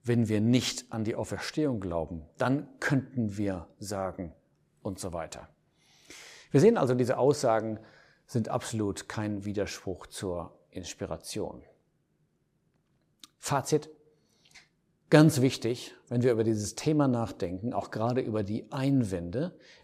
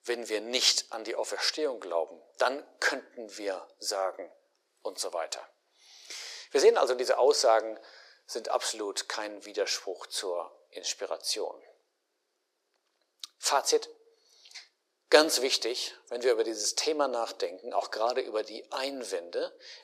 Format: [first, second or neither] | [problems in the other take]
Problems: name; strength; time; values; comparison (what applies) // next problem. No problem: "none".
first | thin; very; fading below 400 Hz